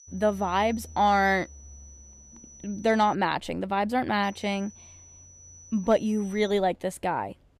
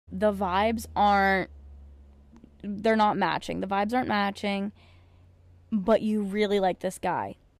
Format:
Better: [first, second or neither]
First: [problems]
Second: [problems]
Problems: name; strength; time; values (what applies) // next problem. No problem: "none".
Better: second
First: high-pitched whine; faint; until 3 s and from 4 to 6.5 s; 6 kHz, 25 dB below the speech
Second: none